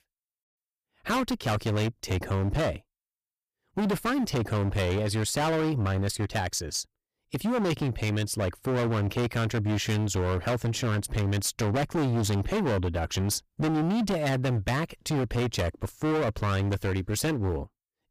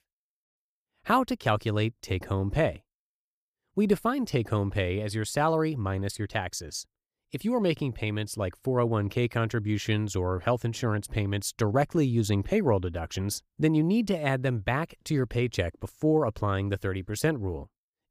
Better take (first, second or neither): second